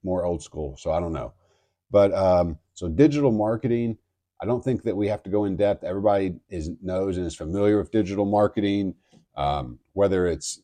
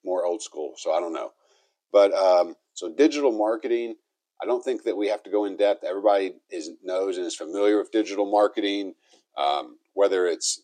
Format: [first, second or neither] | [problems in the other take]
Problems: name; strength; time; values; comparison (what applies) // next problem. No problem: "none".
first | thin; somewhat; fading below 350 Hz